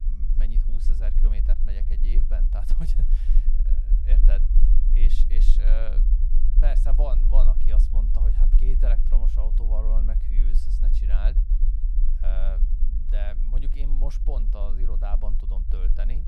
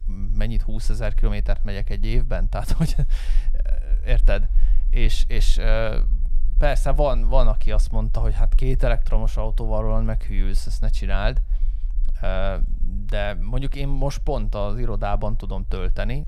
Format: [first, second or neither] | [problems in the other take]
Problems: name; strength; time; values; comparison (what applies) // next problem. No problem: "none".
second | low rumble; loud; throughout; 7 dB below the speech; faint in the second